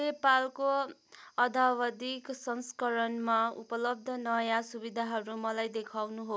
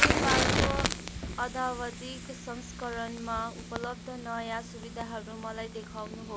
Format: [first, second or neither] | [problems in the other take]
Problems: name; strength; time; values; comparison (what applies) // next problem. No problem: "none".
first | background sound (Fire); 4 dB above the speech